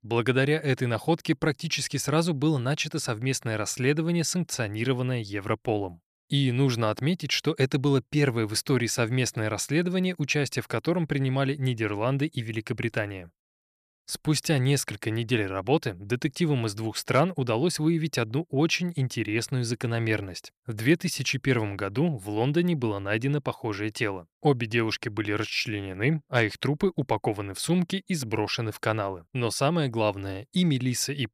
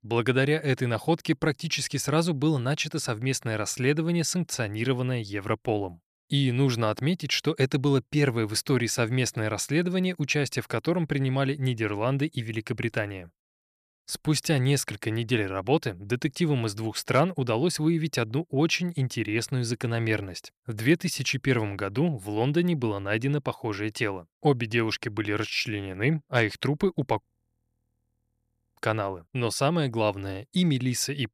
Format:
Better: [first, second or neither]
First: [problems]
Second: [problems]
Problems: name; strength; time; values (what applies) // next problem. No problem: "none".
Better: first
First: none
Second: audio freezing; at 27 s for 1.5 s